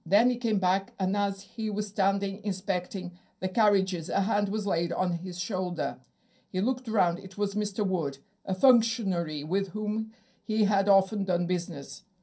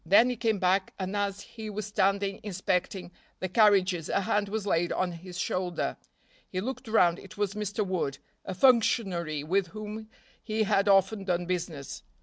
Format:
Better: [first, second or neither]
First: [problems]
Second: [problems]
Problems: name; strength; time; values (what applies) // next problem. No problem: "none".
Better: second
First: room echo; dies away in 0.3 s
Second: none